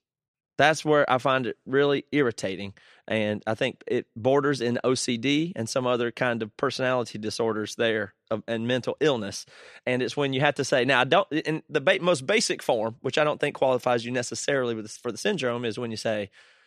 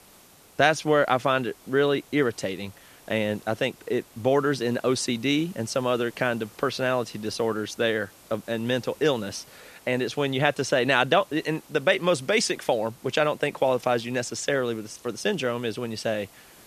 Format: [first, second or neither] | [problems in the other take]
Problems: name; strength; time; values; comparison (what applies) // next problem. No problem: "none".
first | hiss; faint; throughout; 25 dB below the speech